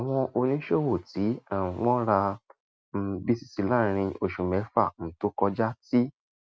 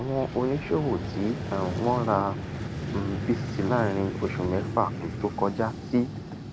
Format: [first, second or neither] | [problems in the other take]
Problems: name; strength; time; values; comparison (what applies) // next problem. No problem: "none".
first | background sound (Vehicle); 5 dB below the speech